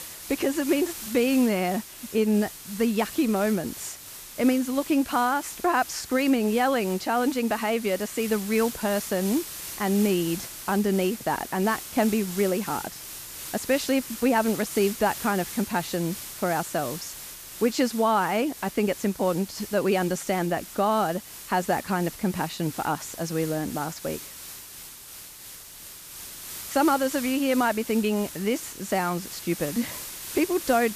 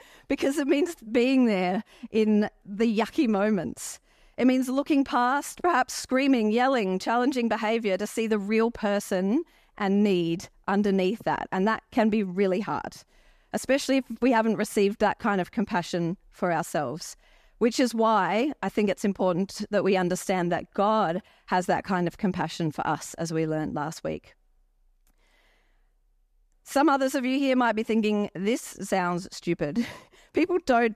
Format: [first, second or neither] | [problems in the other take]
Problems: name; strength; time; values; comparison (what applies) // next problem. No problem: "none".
second | hiss; noticeable; throughout; 10 dB below the speech